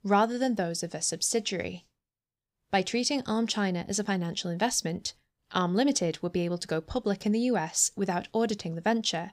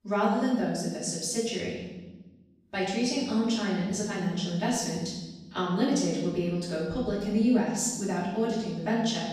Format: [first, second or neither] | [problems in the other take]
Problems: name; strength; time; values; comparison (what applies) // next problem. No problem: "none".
first | off-mic speech; far // room echo; noticeable; dies away in 1.2 s